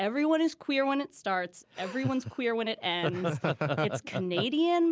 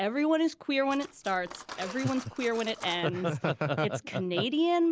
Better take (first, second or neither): first